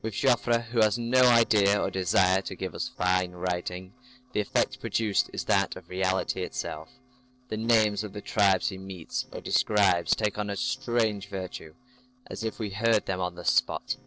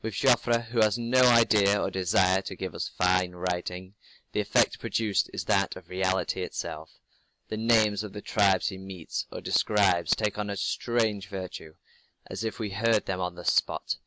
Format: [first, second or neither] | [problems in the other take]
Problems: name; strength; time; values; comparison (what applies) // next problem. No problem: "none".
second | noise reduction (neural separator model SepFormer DNS4)